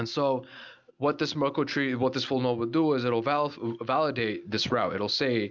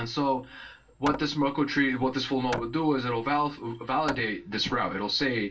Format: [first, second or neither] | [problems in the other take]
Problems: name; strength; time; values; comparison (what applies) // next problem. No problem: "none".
first | background sound (Hammer); 14 dB below the speech // room echo; dies away in 0.2 s